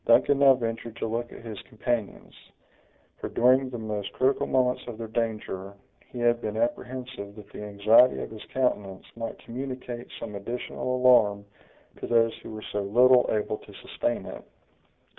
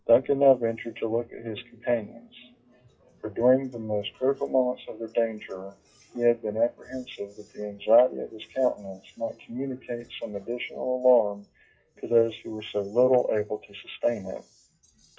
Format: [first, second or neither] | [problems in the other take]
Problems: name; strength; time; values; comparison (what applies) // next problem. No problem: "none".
first | noise reduction (classical method WPE with log-MMSE)